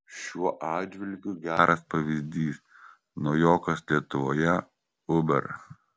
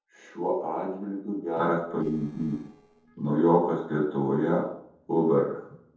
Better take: first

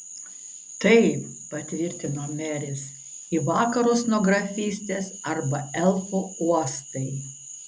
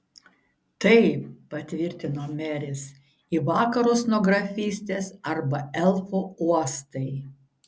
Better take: second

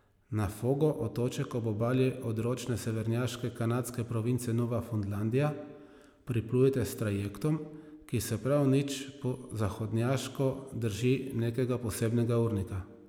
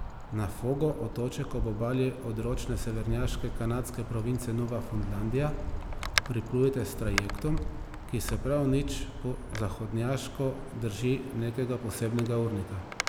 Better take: first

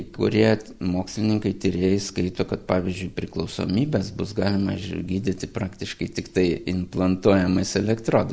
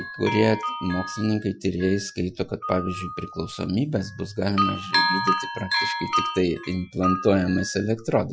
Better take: first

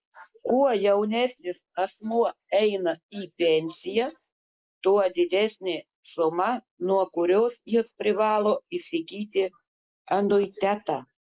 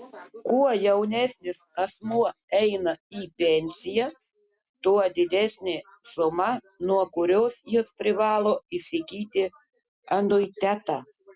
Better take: second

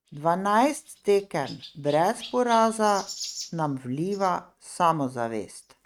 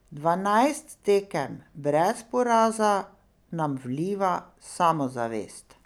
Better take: second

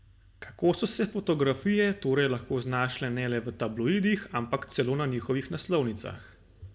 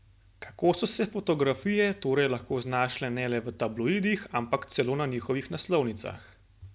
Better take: second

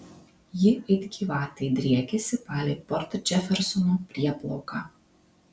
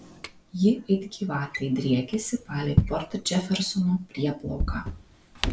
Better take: first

